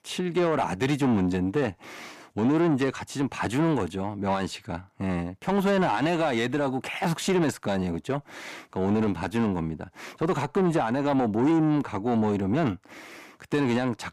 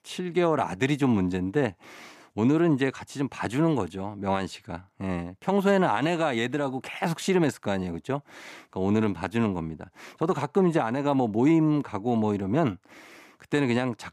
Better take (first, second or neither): second